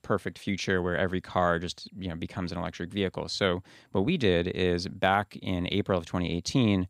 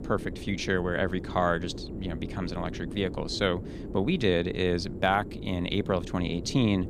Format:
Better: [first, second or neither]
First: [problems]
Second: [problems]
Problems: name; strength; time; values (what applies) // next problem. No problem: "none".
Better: first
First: none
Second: wind noise on the microphone; occasional gusts; 15 dB below the speech